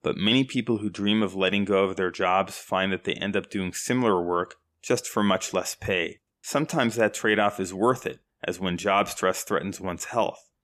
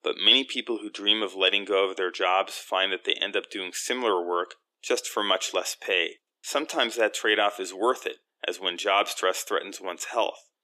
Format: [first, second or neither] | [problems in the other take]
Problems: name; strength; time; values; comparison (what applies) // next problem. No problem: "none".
first | thin; somewhat; fading below 300 Hz